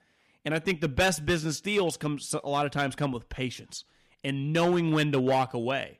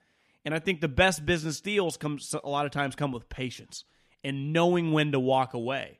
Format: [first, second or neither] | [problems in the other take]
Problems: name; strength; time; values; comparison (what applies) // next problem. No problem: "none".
second | distortion; slight; 4% of the sound clipped